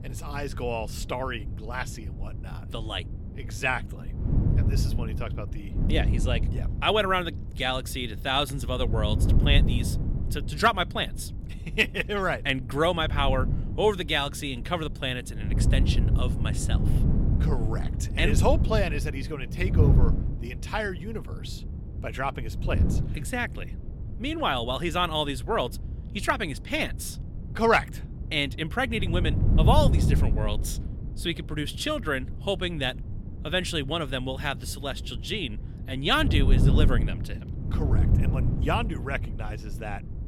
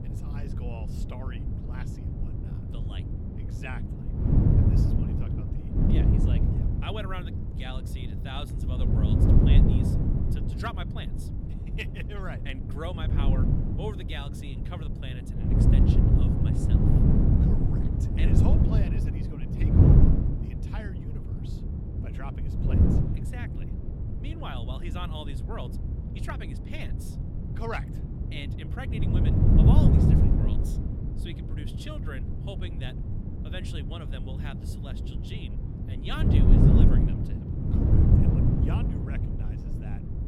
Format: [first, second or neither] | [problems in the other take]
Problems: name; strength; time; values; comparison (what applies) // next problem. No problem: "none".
first | wind noise on the microphone; heavy; 4 dB above the speech; occasional gusts in the first